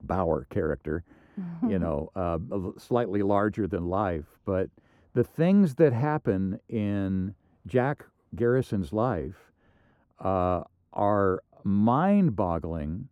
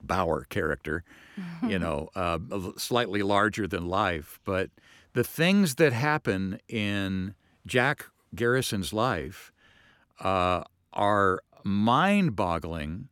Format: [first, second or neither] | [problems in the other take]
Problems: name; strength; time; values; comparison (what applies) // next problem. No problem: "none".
second | muffled; very; fading above 1.5 kHz